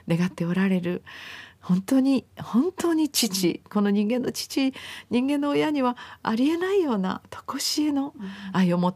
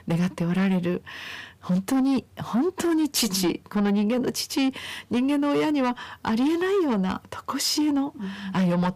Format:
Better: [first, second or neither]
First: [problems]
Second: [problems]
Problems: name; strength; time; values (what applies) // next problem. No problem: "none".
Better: first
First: none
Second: distortion; slight; 10 dB below the speech